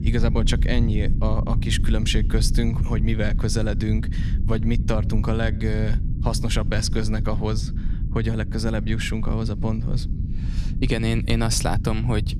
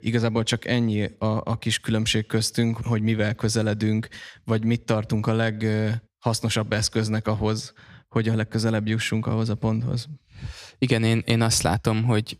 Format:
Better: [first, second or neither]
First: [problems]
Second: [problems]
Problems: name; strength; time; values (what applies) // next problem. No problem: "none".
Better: second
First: low rumble; noticeable; throughout; 10 dB below the speech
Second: none